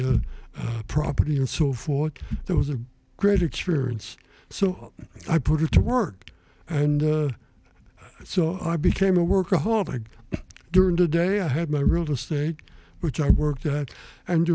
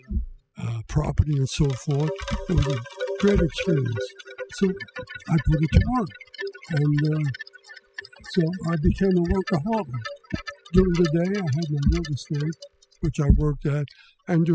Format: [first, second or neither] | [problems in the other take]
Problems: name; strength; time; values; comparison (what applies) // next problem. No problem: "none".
first | noise reduction (classical method spectral subtraction)